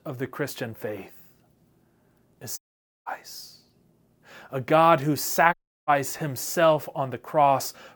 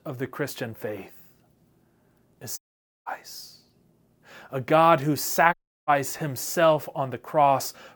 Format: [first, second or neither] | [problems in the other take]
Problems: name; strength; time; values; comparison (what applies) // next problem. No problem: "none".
neither | audio cutting out; at 2.5 s and at 5.5 s; the same in both